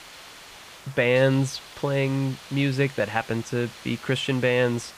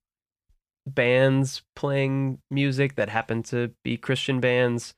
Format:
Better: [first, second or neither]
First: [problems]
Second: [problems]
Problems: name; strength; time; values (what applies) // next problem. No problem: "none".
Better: second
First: hiss; noticeable; throughout; 20 dB below the speech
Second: none